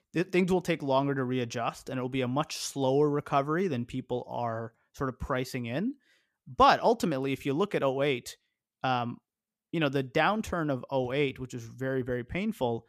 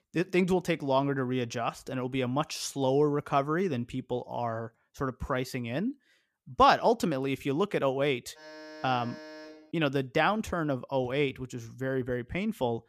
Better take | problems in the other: first | alarm; faint; from 8.5 to 9.5 s; peak 15 dB below the speech

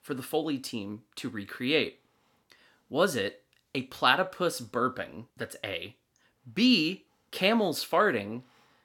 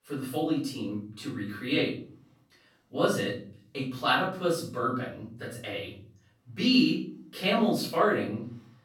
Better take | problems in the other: first | room echo; noticeable; dies away in 0.5 s // off-mic speech; far

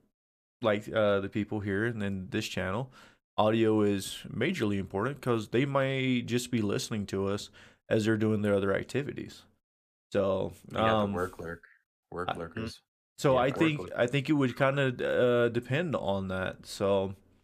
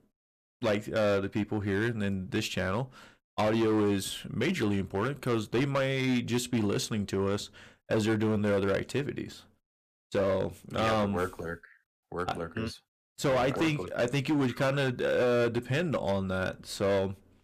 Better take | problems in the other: first | distortion; slight; 11% of the sound clipped

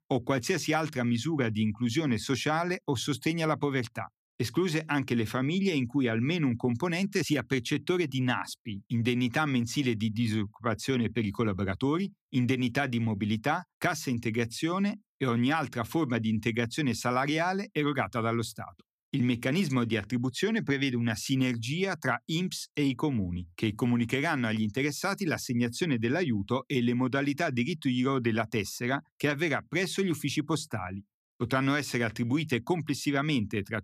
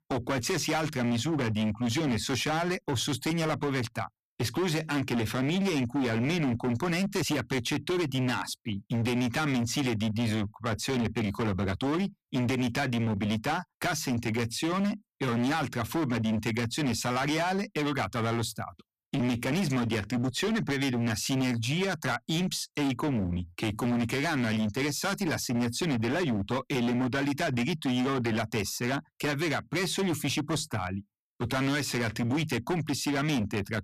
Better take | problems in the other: first | distortion; heavy; 24% of the sound clipped

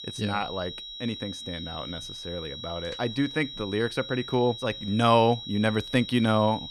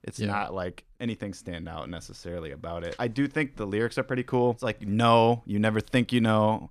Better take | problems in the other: second | high-pitched whine; loud; throughout; 4 kHz, 10 dB below the speech

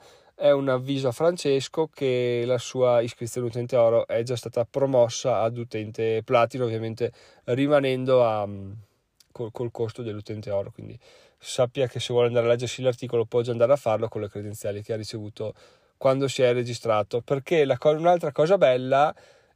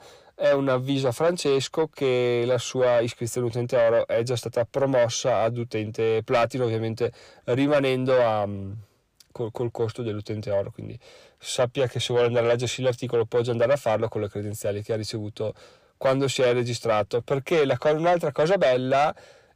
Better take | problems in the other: first | distortion; slight; 10 dB below the speech

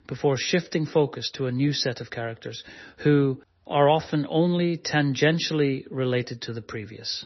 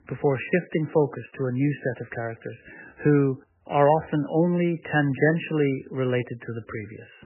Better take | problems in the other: first | garbled, watery; badly; nothing above 3 kHz; slightly in the first

